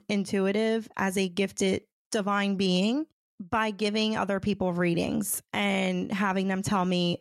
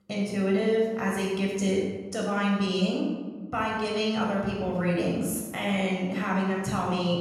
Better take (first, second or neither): first